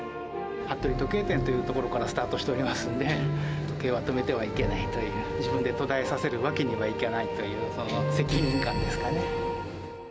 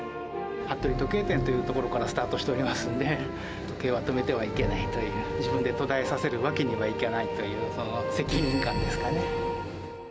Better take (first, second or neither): second